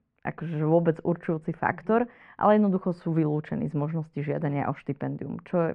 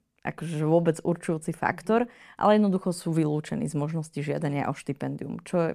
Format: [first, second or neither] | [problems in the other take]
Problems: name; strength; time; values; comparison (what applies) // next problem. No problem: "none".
second | muffled; very; fading above 1.5 kHz